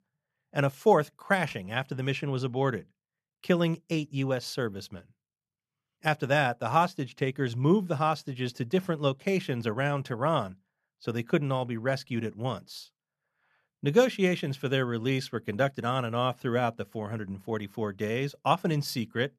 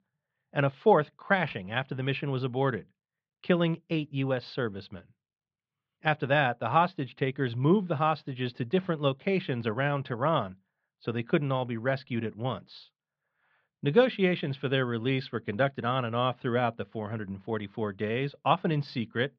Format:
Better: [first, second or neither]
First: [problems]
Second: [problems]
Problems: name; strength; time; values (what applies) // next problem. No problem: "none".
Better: first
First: none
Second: muffled; slightly; fading above 4 kHz